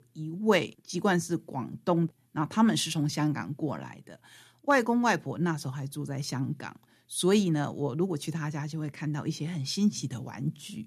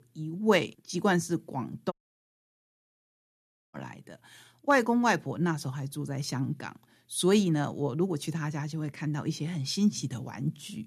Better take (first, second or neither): first